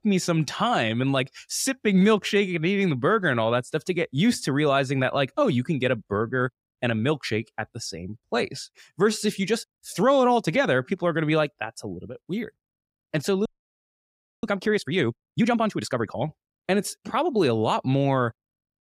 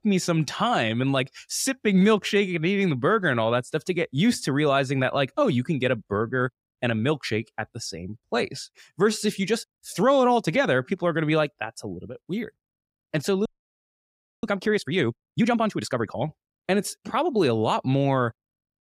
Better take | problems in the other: neither | audio freezing; at 13 s for 1 s; the same in both

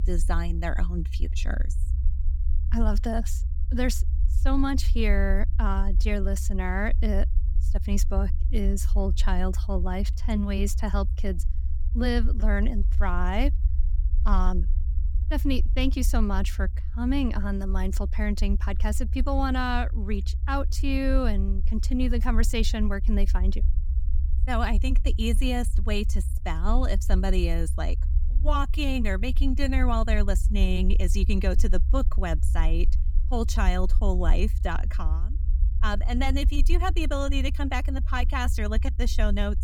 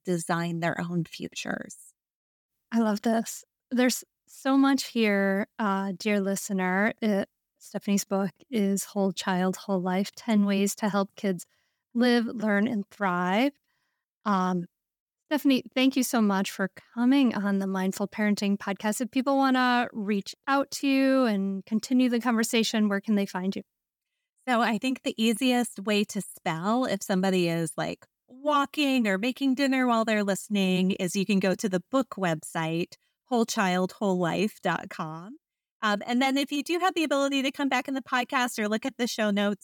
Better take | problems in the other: second | low rumble; noticeable; throughout; 15 dB below the speech

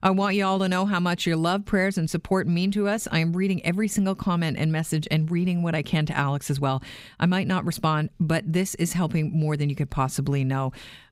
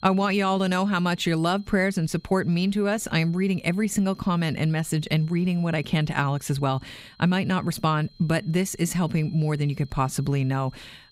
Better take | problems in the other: first | high-pitched whine; faint; throughout; 4 kHz, 30 dB below the speech

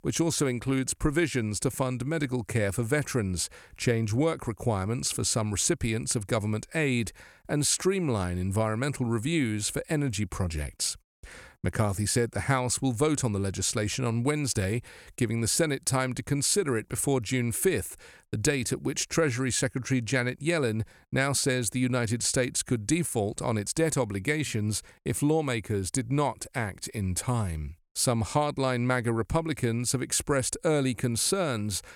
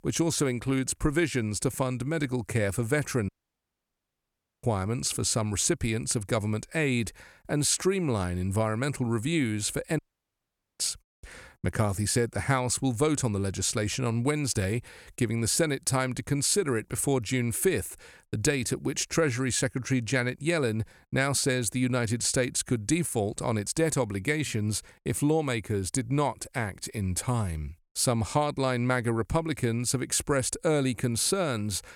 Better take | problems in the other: first | audio cutting out; at 3.5 s for 1.5 s and at 10 s for 1 s

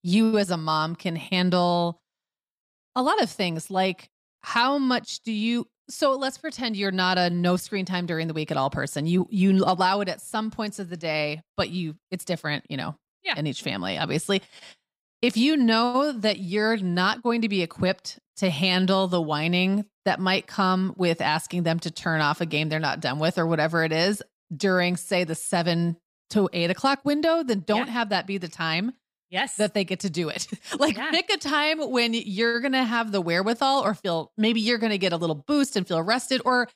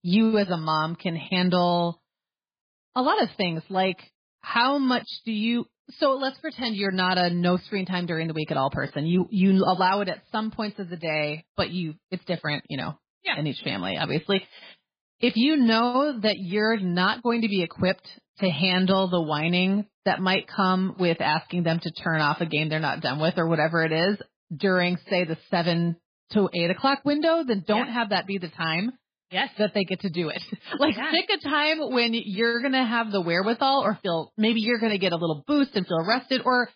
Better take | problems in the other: first | garbled, watery; badly

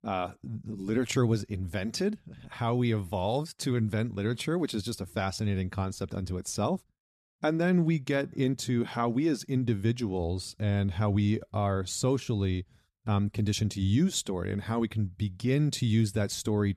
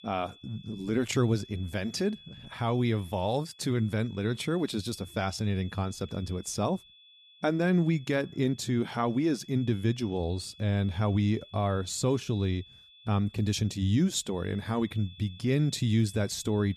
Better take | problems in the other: first | high-pitched whine; faint; throughout; 3.5 kHz, 20 dB below the speech

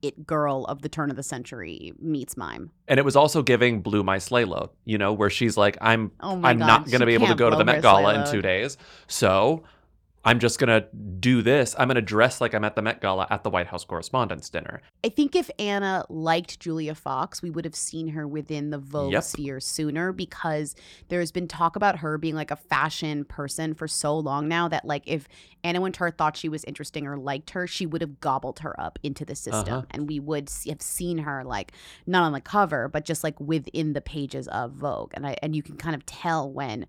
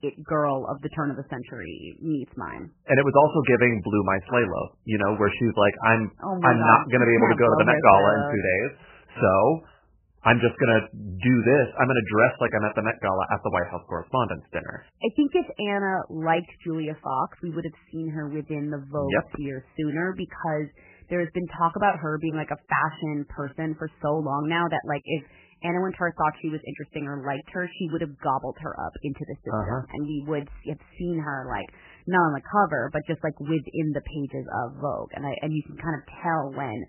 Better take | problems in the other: first | garbled, watery; badly; nothing above 3 kHz

